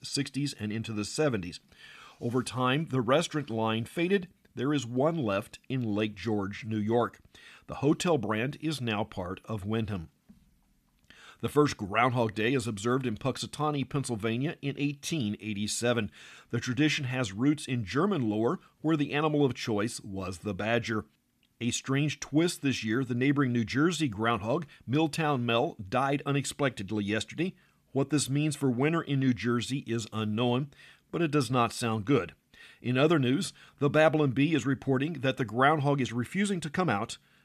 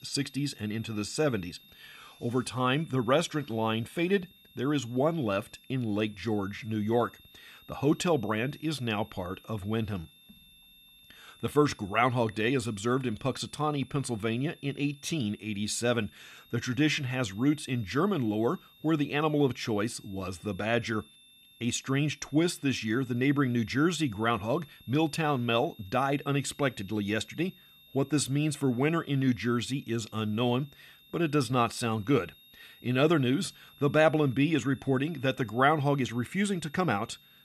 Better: first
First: none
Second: high-pitched whine; faint; throughout; 3.5 kHz, 25 dB below the speech

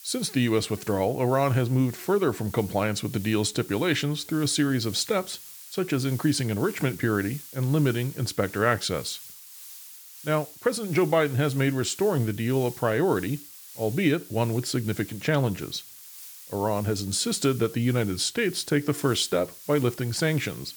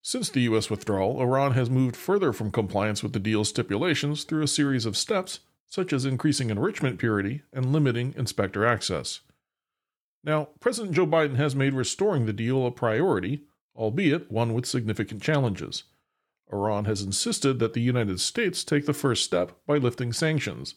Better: second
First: hiss; noticeable; throughout; 15 dB below the speech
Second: none

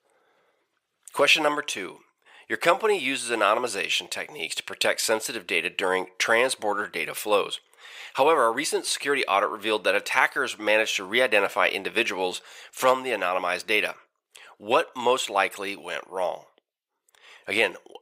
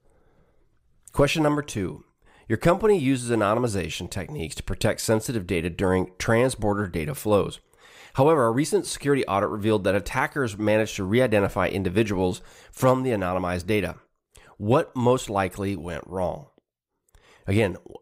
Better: second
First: thin; very; fading below 550 Hz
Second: none

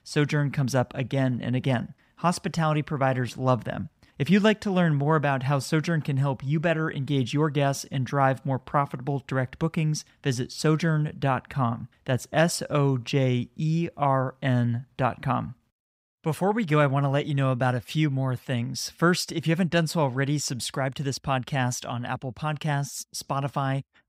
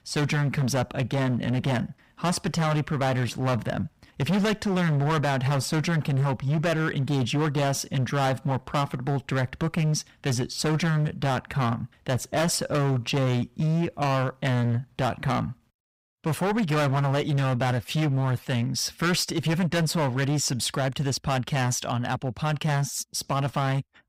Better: first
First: none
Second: distortion; heavy; 20% of the sound clipped

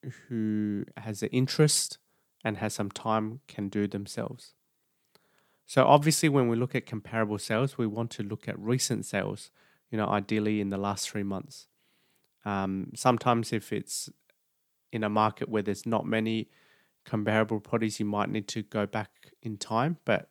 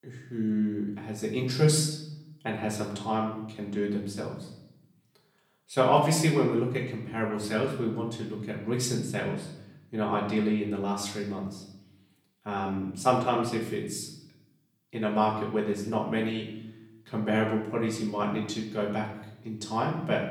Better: first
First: none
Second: off-mic speech; far // room echo; slight; dies away in 0.7 s

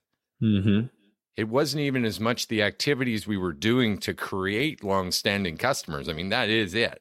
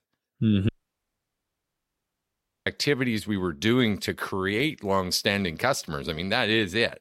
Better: first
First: none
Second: audio cutting out; at 0.5 s for 2 s

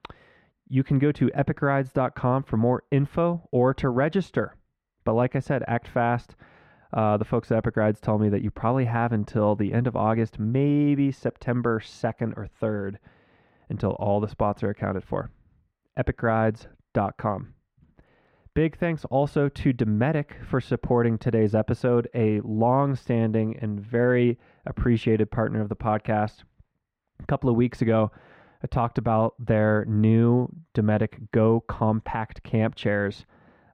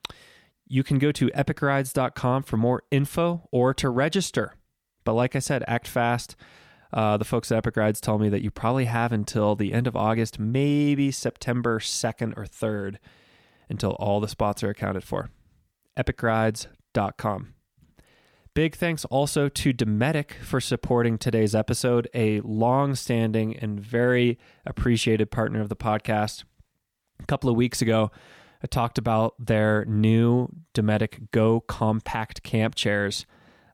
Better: second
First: muffled; very; fading above 3.5 kHz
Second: none

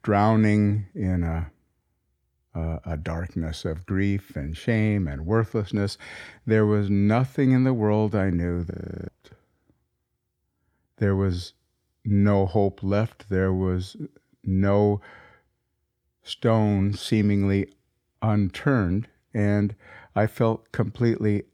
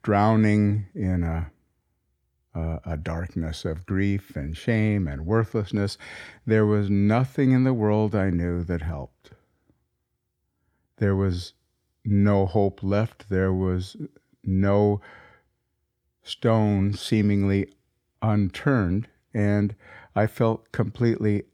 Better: second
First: audio freezing; at 8.5 s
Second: none

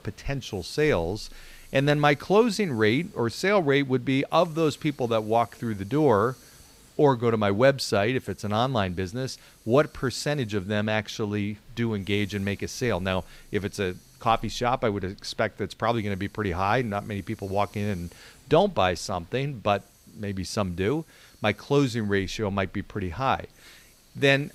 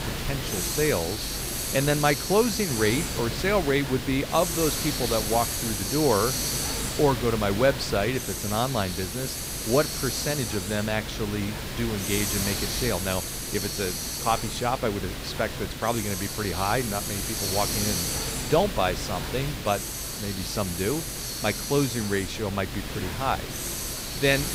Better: first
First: hiss; faint; throughout; 30 dB below the speech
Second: hiss; loud; throughout; 2 dB below the speech

